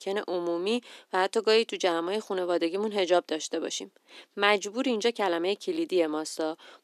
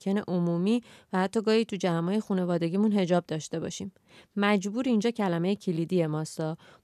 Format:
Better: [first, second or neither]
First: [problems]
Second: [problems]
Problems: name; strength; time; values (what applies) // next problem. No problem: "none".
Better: second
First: thin; somewhat; fading below 300 Hz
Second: none